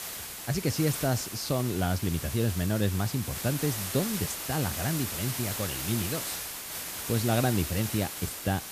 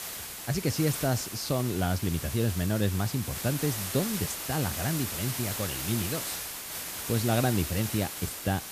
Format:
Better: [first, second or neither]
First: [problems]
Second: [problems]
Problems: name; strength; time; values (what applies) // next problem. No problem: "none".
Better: neither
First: hiss; loud; throughout; 4 dB below the speech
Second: hiss; loud; throughout; 4 dB below the speech